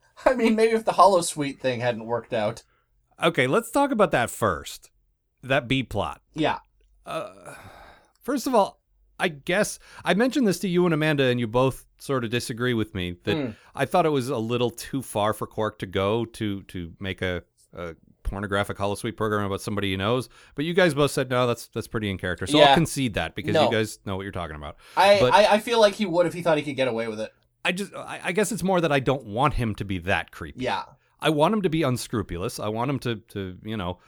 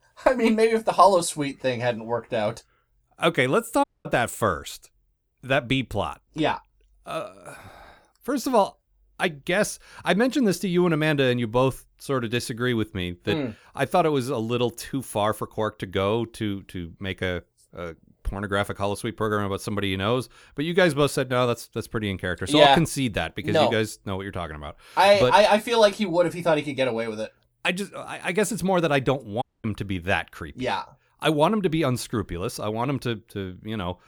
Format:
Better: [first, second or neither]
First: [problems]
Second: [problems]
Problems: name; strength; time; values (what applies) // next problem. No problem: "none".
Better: first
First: none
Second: audio cutting out; at 4 s and at 29 s